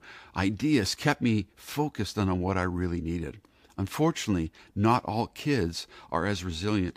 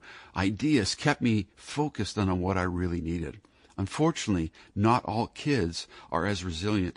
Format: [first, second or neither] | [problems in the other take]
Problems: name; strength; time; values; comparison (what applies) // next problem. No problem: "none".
first | garbled, watery; slightly; nothing above 10.5 kHz